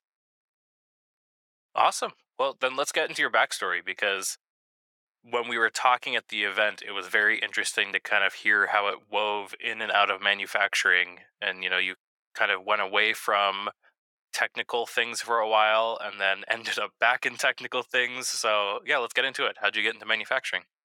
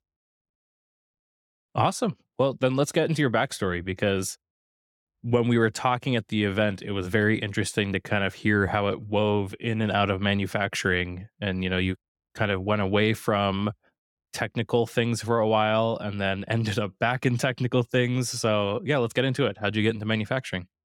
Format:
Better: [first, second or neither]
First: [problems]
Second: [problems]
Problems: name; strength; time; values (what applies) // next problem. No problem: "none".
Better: second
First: thin; very; fading below 800 Hz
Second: none